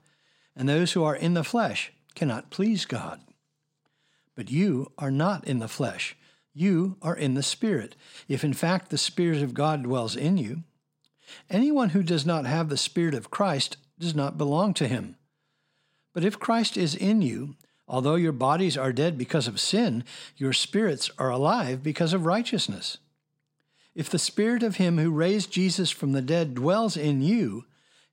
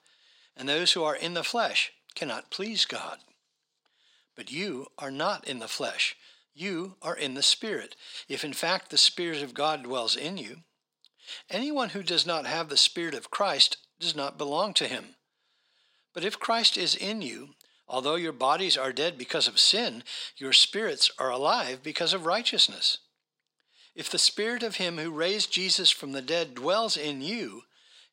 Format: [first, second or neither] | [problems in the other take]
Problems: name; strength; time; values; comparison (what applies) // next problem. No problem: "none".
first | thin; somewhat; fading below 450 Hz